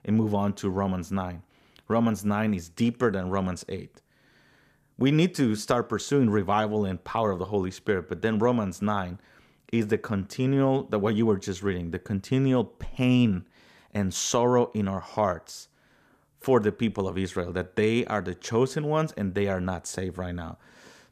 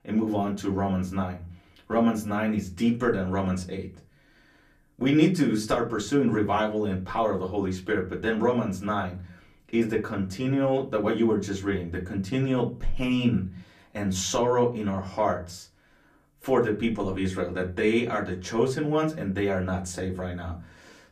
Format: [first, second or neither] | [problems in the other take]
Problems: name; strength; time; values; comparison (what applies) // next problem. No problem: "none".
first | off-mic speech; far // room echo; very slight; dies away in 0.3 s